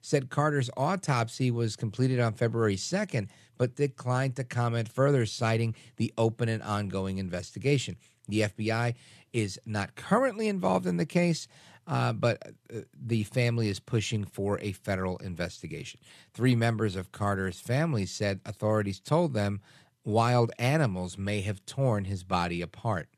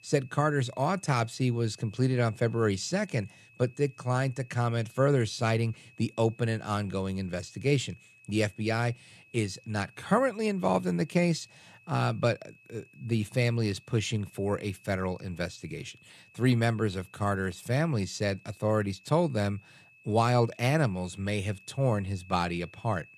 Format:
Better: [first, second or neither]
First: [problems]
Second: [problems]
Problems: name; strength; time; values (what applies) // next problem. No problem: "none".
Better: first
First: none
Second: high-pitched whine; faint; throughout; 2.5 kHz, 25 dB below the speech